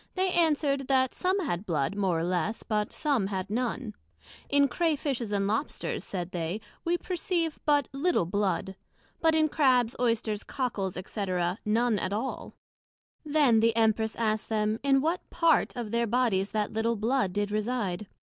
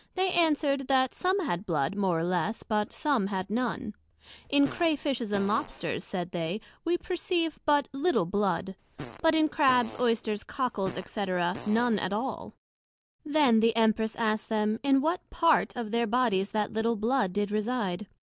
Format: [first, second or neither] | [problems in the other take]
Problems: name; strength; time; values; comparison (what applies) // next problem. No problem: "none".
first | background sound (Fart); 17 dB below the speech